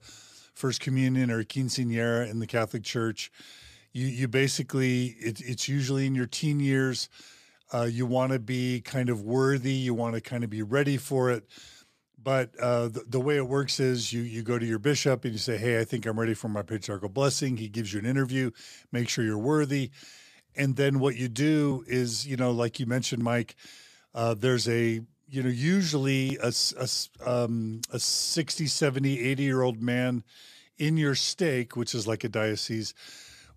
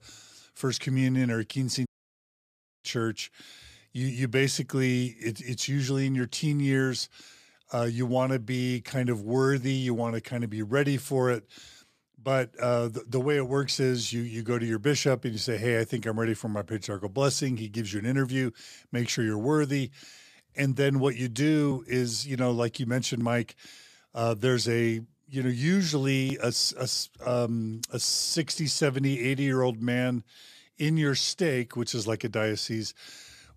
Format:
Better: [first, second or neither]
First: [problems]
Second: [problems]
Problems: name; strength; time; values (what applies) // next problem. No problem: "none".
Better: first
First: none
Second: audio cutting out; at 2 s for 1 s